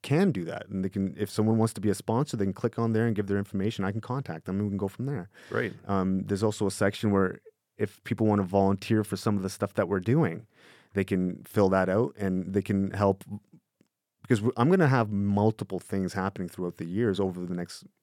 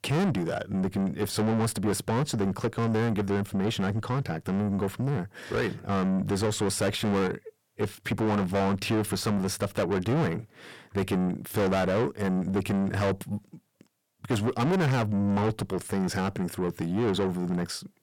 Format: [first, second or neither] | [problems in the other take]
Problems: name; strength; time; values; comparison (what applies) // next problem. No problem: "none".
first | distortion; heavy; 5 dB below the speech